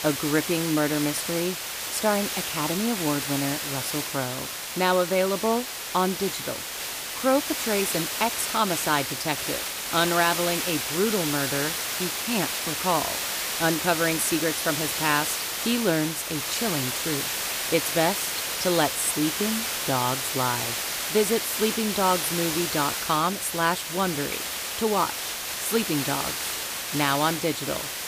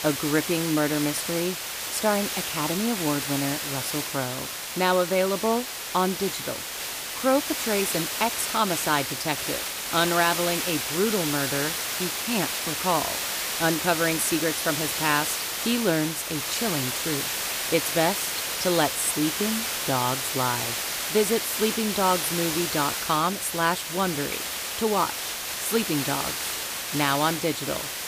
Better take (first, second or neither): neither